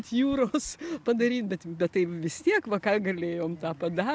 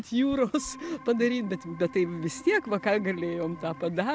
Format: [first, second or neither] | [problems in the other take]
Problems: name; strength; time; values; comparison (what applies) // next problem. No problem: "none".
first | background sound (Organ); 18 dB below the speech